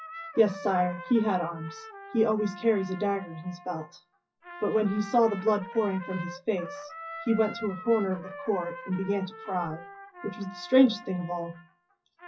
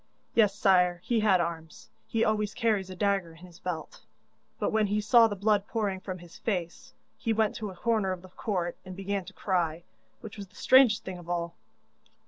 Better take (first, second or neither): second